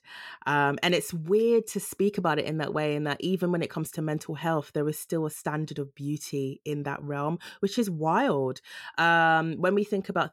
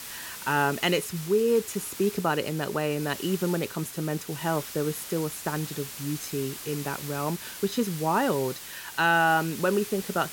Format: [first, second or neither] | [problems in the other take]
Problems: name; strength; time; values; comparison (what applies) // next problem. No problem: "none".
first | hiss; loud; throughout; 10 dB below the speech